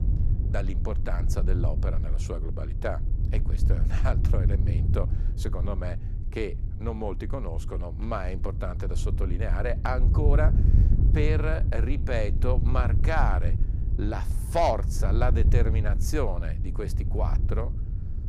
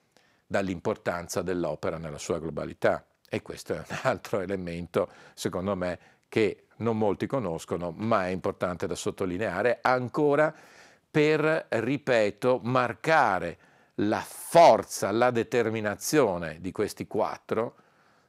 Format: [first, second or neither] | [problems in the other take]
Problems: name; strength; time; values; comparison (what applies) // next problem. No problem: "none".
second | wind noise on the microphone; occasional gusts; 10 dB below the speech